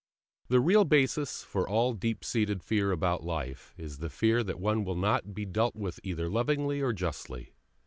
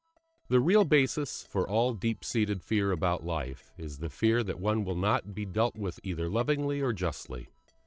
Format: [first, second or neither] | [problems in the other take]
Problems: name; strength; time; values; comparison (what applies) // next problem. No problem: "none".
first | noise reduction (neural separator model SepFormer DNS4)